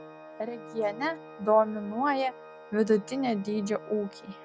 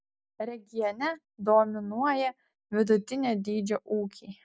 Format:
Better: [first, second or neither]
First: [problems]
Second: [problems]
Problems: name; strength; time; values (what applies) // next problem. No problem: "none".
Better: second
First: background sound (Organ); 17 dB below the speech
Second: none